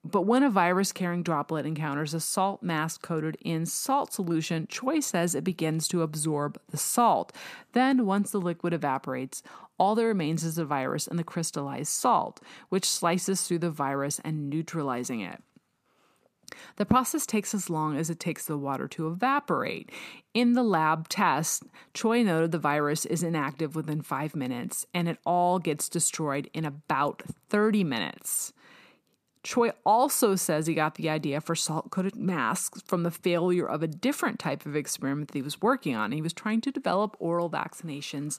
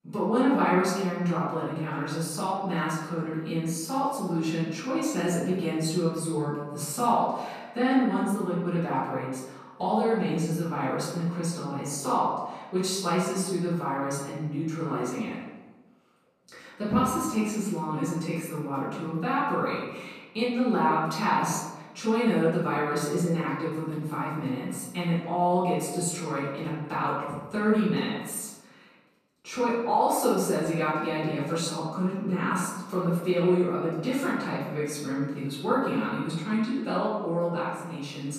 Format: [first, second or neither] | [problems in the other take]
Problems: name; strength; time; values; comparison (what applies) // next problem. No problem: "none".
first | off-mic speech; far // room echo; noticeable; dies away in 1 s